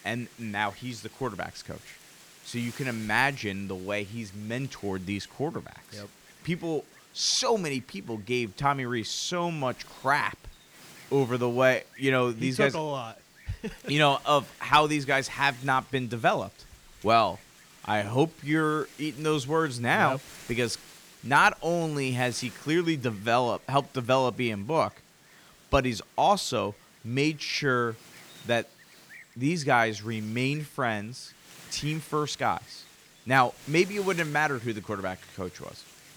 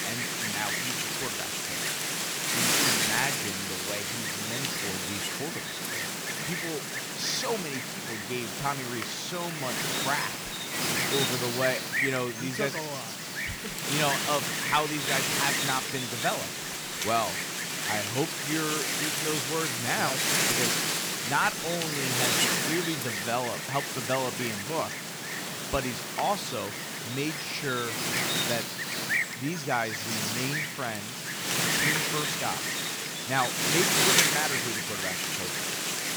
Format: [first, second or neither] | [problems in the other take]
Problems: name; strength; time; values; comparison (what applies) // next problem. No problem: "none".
first | wind noise on the microphone; heavy; 4 dB above the speech; occasional gusts in the first